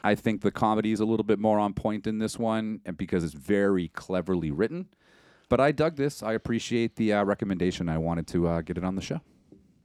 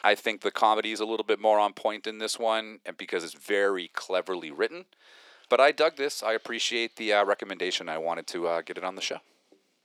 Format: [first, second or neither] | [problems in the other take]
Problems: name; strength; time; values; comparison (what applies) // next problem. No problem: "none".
first | thin; very; fading below 500 Hz